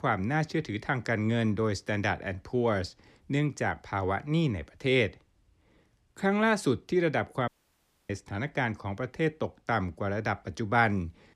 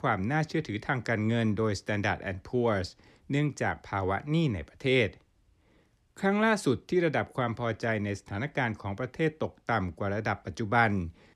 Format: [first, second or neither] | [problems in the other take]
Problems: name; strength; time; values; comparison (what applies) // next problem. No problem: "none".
second | audio cutting out; at 7.5 s for 0.5 s